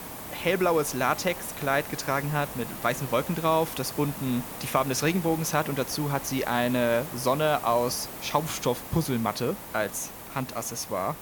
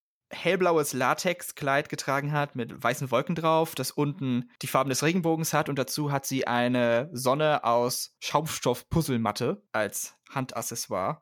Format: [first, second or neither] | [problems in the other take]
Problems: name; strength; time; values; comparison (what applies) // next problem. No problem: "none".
second | hiss; loud; throughout; 10 dB below the speech